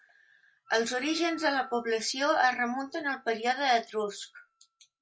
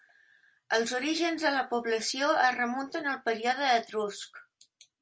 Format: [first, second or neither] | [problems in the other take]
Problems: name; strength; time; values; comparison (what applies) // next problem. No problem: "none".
second | noise reduction (classical method log-MMSE)